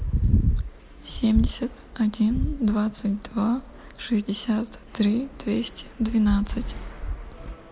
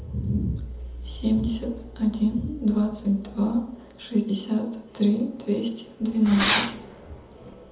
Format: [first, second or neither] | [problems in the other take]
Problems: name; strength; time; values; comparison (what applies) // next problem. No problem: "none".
first | background sound (Fireworks); 3 dB below the speech // room echo; dies away in 0.7 s